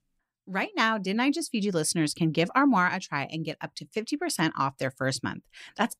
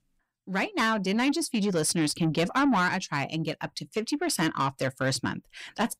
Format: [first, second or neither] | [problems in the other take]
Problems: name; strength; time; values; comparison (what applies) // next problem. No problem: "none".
first | distortion; slight; 10 dB below the speech